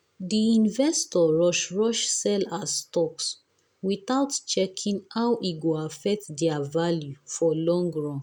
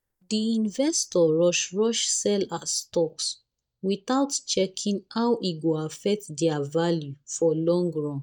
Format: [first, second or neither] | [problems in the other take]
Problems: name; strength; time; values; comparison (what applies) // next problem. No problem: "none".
first | noise reduction (neural mask model DeepFilterNet 3)